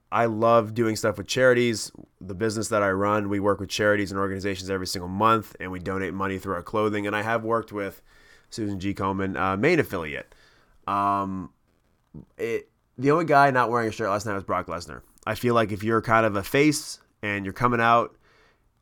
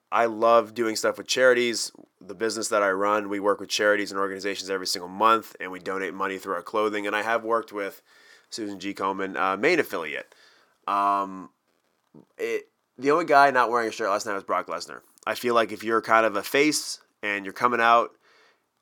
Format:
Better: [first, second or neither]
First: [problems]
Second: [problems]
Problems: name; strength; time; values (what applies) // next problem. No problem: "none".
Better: first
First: none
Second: thin; somewhat; fading below 350 Hz